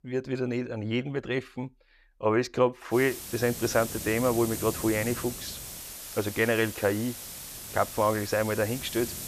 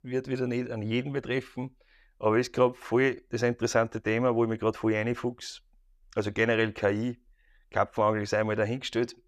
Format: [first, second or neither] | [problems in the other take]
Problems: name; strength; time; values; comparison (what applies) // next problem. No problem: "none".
second | hiss; loud; from 3 s on; 9 dB below the speech